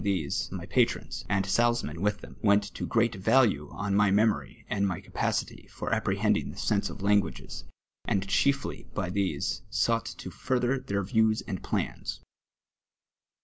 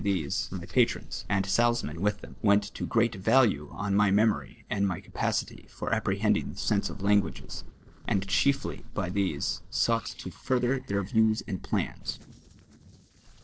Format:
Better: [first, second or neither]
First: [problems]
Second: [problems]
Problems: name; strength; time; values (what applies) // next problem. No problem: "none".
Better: first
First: none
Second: noise reduction (neural separator model SepFormer DNS4)